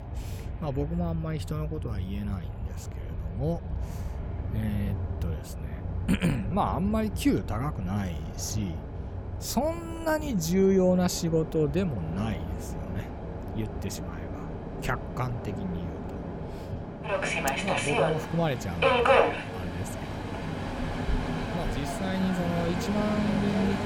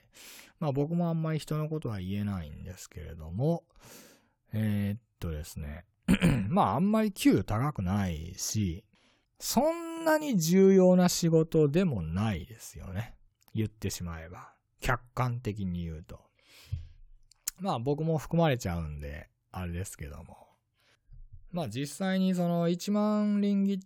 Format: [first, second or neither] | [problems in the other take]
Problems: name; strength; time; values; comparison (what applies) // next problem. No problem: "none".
second | train or aircraft noise; loud; throughout; 2 dB below the speech